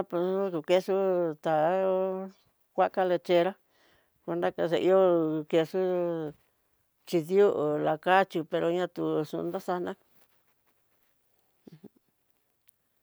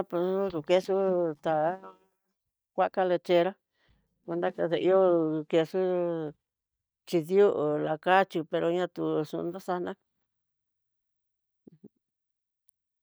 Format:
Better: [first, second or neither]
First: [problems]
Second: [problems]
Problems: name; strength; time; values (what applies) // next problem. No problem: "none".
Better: first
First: none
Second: noise reduction (neural mask model DeepFilterNet 3)